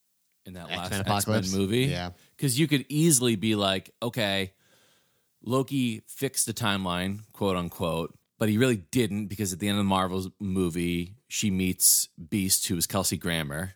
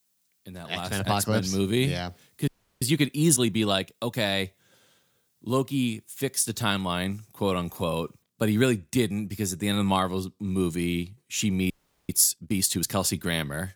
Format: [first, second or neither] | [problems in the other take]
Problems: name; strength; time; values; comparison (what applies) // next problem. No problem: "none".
first | audio freezing; at 2.5 s and at 12 s